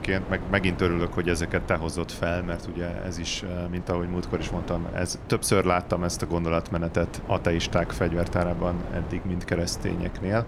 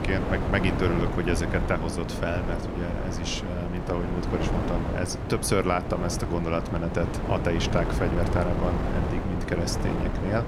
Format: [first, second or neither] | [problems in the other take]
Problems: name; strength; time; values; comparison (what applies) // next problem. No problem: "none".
first | wind noise on the microphone; heavy; 3 dB below the speech; occasional gusts in the first